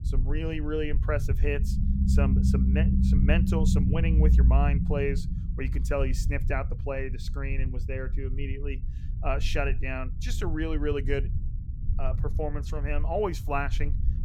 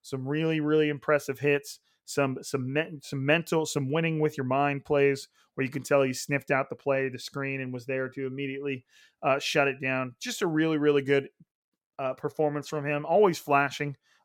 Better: second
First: low rumble; loud; throughout; 8 dB below the speech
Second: none

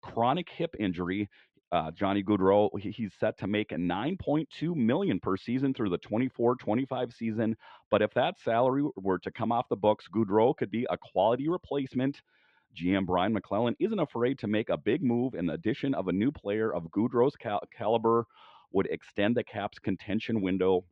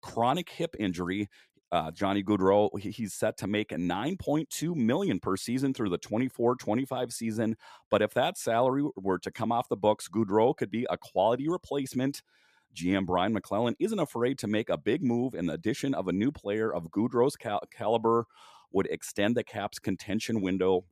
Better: second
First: muffled; very; fading above 3 kHz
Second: none

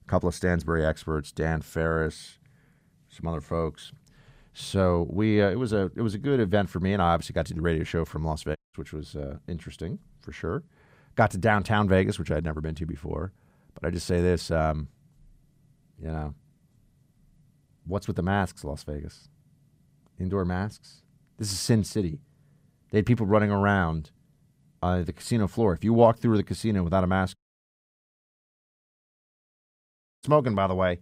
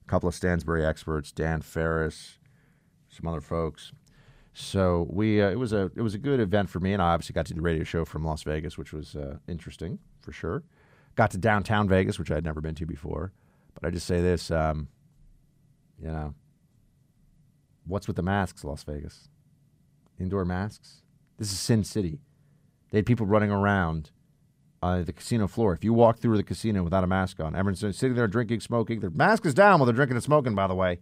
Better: second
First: audio cutting out; at 8.5 s and at 27 s for 3 s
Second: none

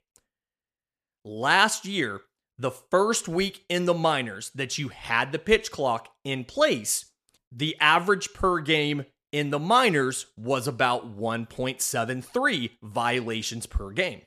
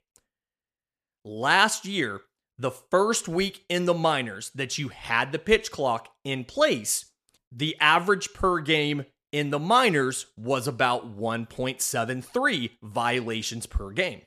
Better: neither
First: none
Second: none

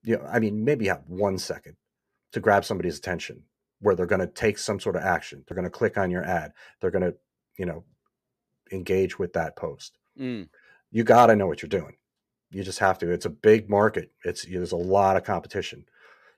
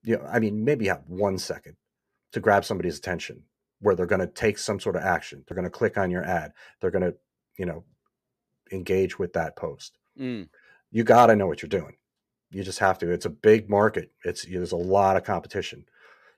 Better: neither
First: none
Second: none

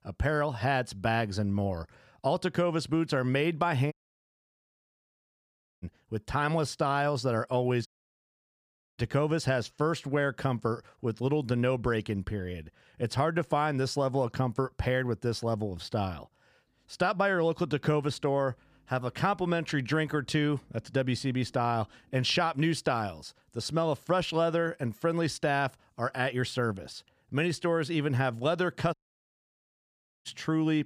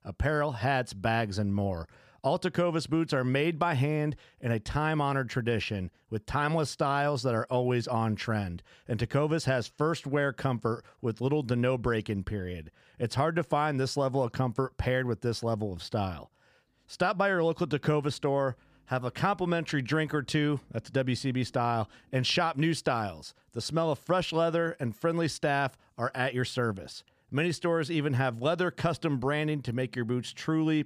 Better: second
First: audio cutting out; at 4 s for 2 s, at 8 s for 1 s and at 29 s for 1.5 s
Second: none

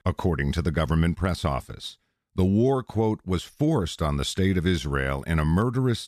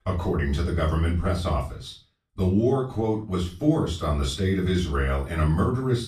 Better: first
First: none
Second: off-mic speech; far // room echo; slight; dies away in 0.3 s

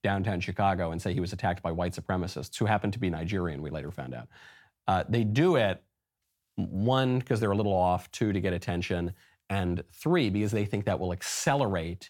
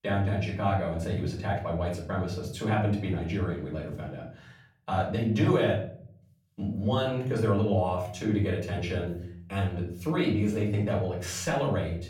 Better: first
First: none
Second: off-mic speech; far // room echo; slight; dies away in 0.5 s

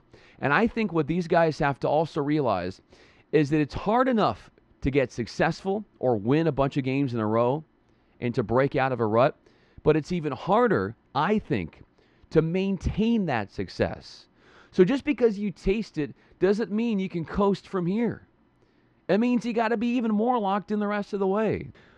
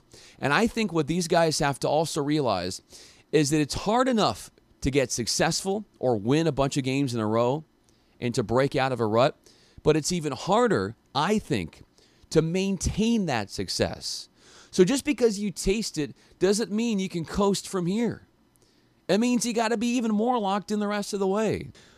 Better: second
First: muffled; slightly; fading above 2 kHz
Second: none

